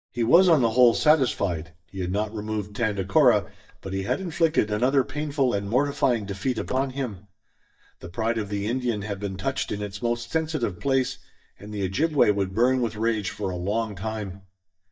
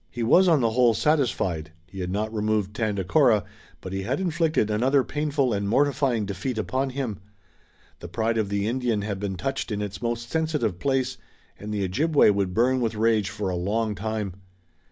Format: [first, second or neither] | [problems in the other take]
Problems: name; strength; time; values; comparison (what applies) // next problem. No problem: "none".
second | noise reduction (neural mask model DeepFilterNet 3)